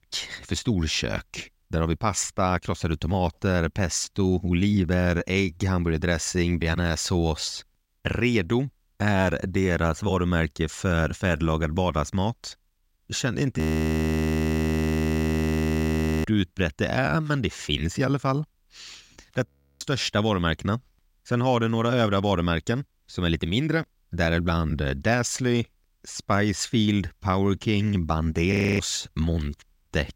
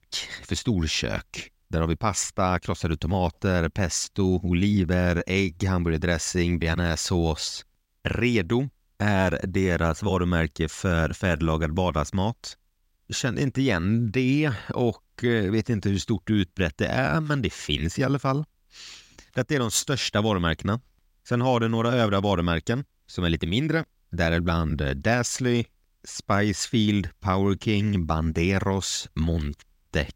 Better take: second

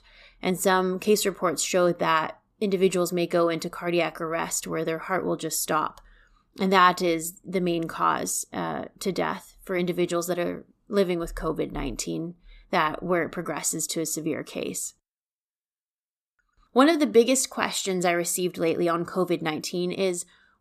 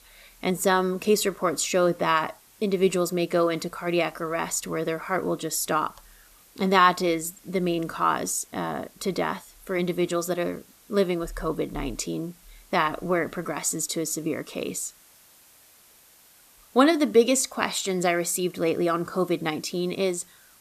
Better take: first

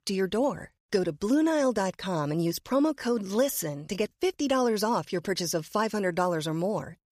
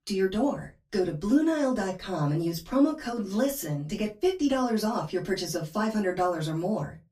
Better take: first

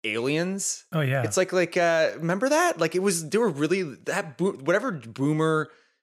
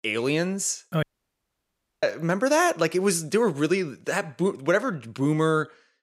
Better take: first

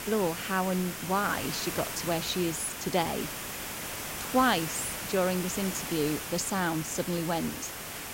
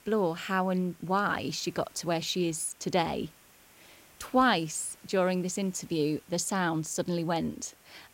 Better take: second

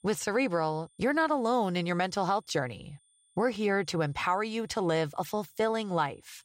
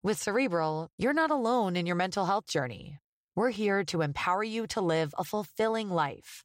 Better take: second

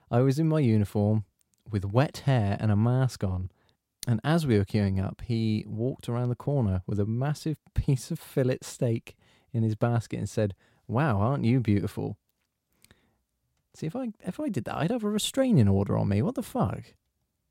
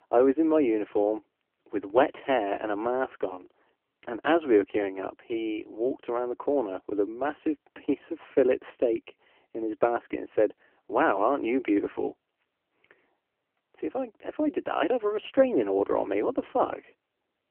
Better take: first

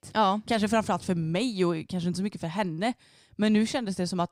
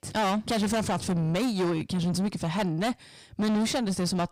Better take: first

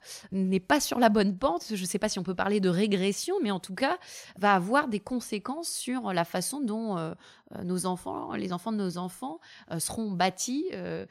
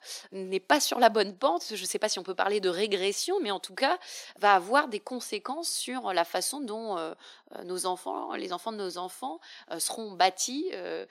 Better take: first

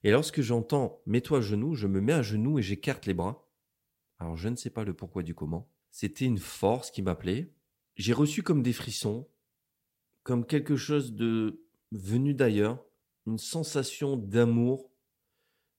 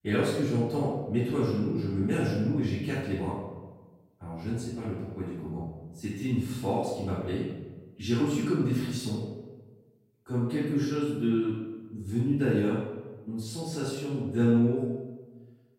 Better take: first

